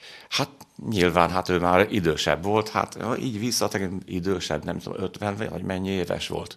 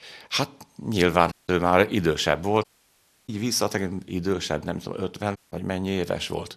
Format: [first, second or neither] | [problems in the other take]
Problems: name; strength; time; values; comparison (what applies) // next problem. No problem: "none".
first | audio cutting out; at 1.5 s, at 2.5 s for 0.5 s and at 5.5 s